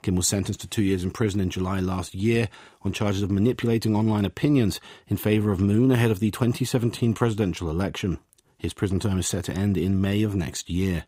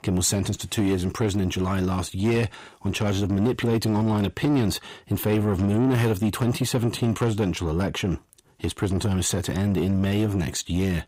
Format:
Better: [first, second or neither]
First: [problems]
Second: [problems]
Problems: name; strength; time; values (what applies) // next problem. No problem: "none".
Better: first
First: none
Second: distortion; slight; 10 dB below the speech